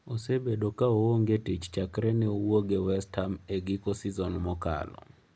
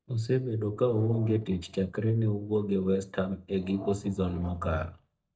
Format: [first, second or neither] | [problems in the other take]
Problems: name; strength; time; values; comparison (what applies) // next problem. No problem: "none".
first | noise reduction (neural mask model DeepFilterNet 3)